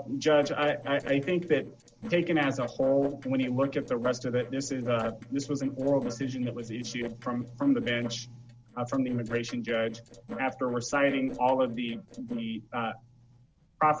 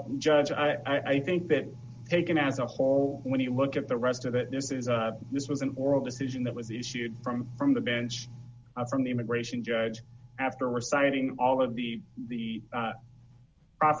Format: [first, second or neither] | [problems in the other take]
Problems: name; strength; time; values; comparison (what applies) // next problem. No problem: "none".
second | noise reduction (neural separator model SepFormer DNS4)